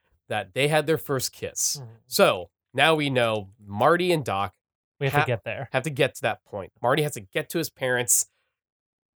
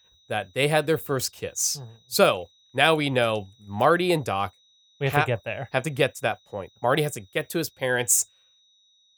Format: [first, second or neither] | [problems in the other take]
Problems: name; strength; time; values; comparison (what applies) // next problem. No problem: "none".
first | high-pitched whine; faint; throughout; 4 kHz, 35 dB below the speech